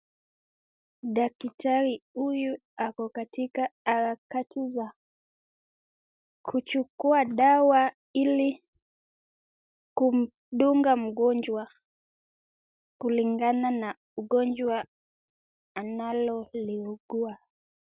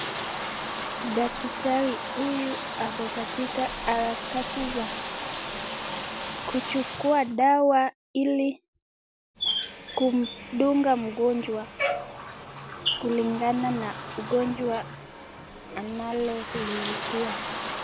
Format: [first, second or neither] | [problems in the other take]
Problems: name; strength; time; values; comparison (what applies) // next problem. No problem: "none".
first | background sound (Bathtub (filling or washing)); 6 dB below the speech